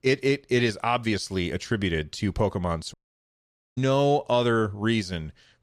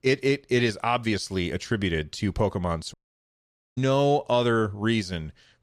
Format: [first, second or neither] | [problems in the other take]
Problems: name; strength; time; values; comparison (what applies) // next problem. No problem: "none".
neither | audio cutting out; at 3 s for 1 s; the same in both